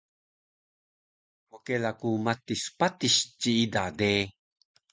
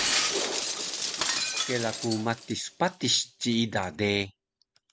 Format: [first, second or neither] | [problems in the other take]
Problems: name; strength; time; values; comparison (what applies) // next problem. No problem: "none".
first | background sound (Shatter); 2 dB below the speech